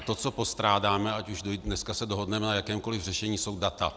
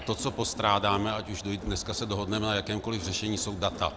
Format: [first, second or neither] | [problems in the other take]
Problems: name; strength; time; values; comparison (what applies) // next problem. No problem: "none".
first | background sound (Crowd); 13 dB below the speech